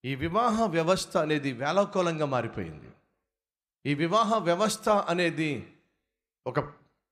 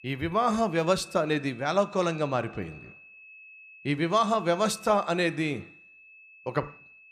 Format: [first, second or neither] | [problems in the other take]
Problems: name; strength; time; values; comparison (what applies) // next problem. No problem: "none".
first | high-pitched whine; faint; throughout; 2.5 kHz, 20 dB below the speech